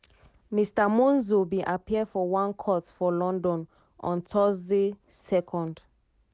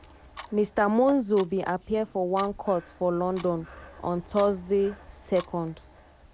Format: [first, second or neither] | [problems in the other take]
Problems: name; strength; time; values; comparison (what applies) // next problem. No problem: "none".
first | background sound (Clock + Breathing); 20 dB below the speech